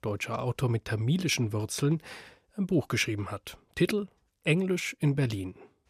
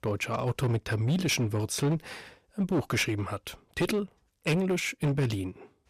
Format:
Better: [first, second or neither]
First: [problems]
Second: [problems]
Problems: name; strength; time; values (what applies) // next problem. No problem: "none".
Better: first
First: none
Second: distortion; slight; 9% of the sound clipped